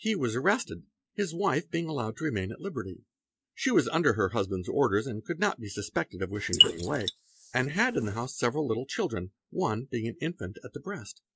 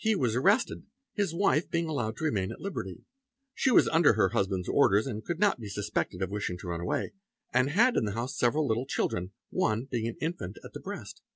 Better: second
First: noise reduction (neural mask model Resemble Enhance denoiser)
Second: none

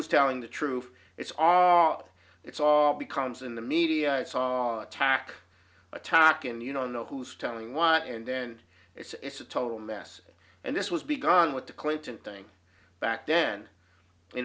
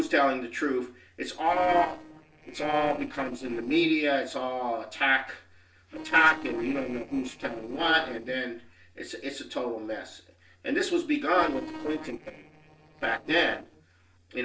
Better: first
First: none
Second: noise reduction (neural separator model SepFormer DNS4)

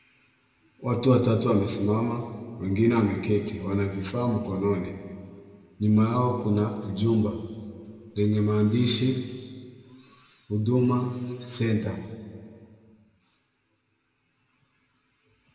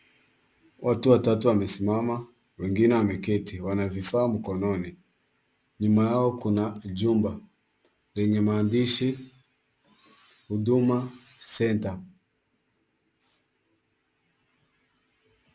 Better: second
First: room echo; dies away in 2.1 s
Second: none

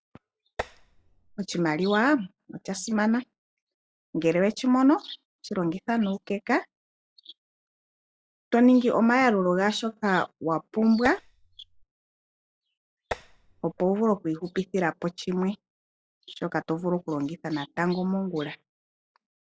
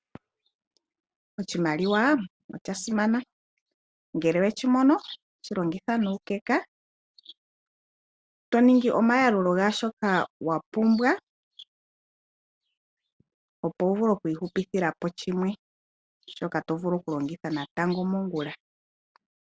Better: second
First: noise reduction (classical method log-MMSE)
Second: none

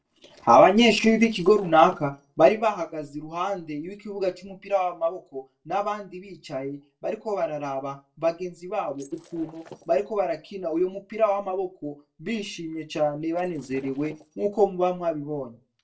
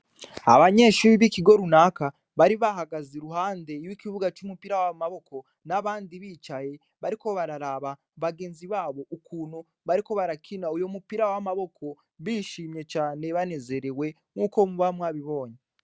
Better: second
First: noise reduction (neural separator model SepFormer DNS4)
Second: none

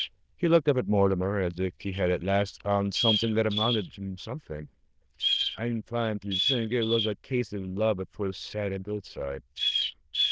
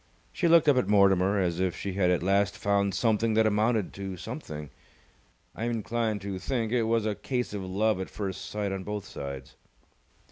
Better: second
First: noise reduction (neural diffusion model UNIVERSE++)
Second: none

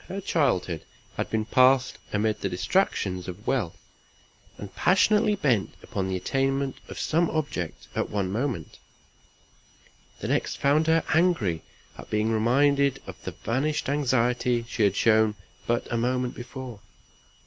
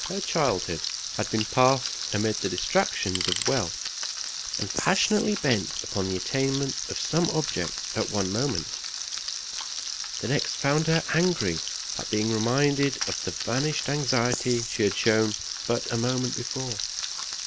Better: first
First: none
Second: background sound (Frying (food) + Tools); 4 dB below the speech

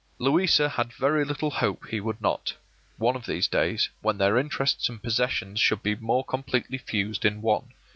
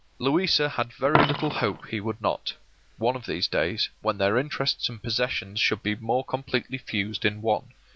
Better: first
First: none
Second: background sound (Coin (dropping)); 9 dB below the speech

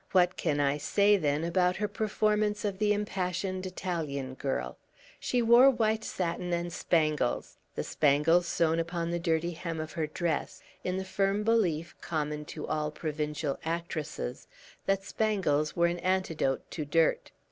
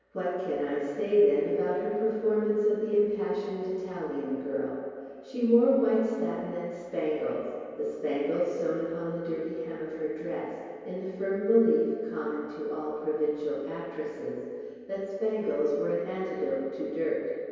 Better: first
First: none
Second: room echo; dies away in 2.2 s

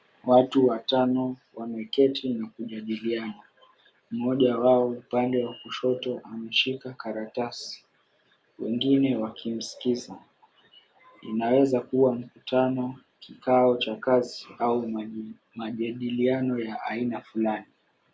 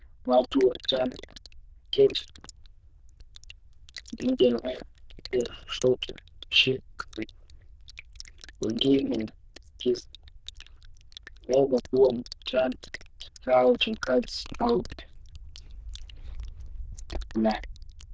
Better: first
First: none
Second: noise reduction (neural diffusion model UNIVERSE++)

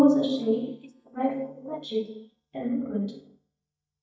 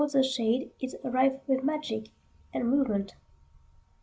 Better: second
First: noise reduction (neural mask model DeepFilterNet 3)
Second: none

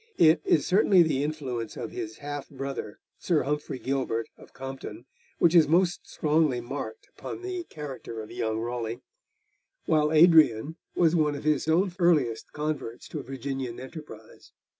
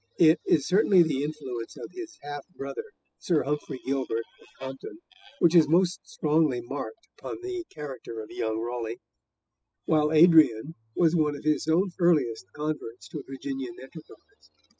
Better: first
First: none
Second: noise reduction (classical method spectral subtraction)

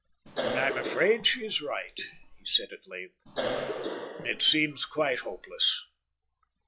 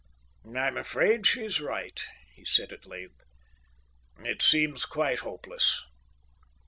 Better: second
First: noise reduction (classical method log-MMSE)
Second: none

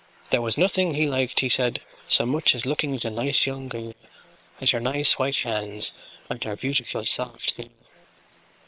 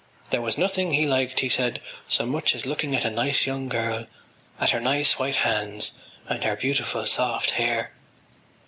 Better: second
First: noise reduction (neural separator model SepFormer WHAM!)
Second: none

